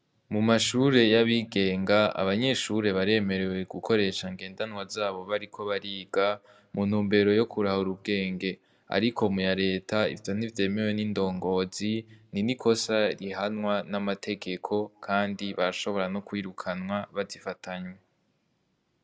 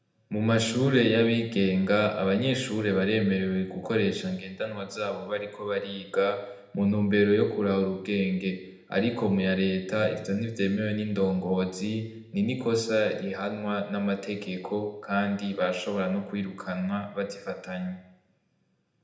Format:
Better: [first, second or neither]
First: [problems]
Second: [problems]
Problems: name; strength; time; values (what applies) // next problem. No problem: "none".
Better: first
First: none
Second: room echo; dies away in 0.7 s